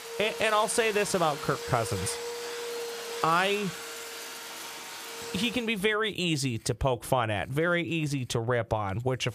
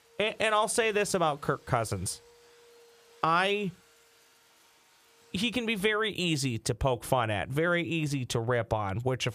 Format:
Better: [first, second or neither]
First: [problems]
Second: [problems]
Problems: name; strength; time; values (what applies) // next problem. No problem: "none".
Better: second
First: household noises; loud; throughout; 9 dB below the speech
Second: household noises; faint; throughout; 30 dB below the speech